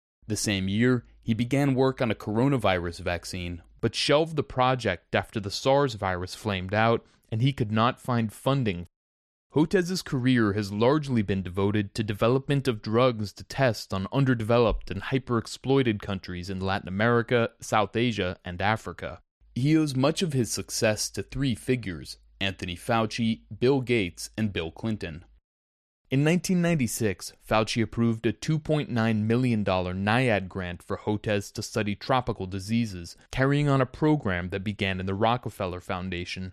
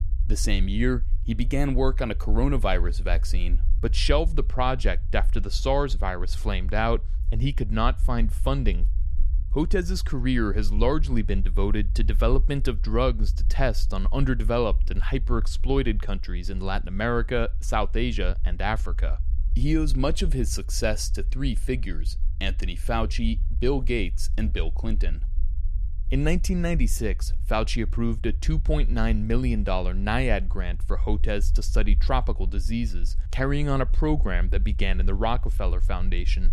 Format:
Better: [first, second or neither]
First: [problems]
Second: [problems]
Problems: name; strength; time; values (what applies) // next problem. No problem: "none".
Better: first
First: none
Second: low rumble; faint; throughout; 20 dB below the speech